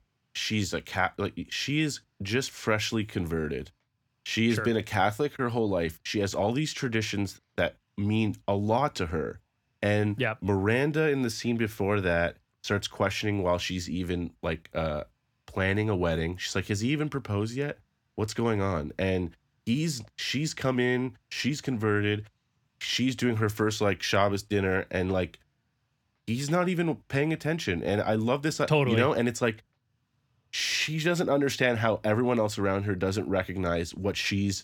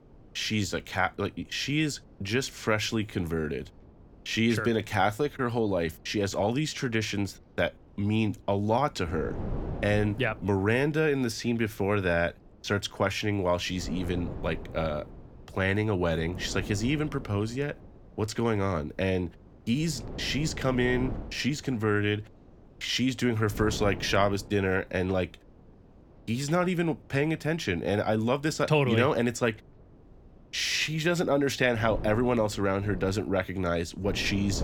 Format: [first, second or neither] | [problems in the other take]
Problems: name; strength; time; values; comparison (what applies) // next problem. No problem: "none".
first | wind noise on the microphone; occasional gusts; 20 dB below the speech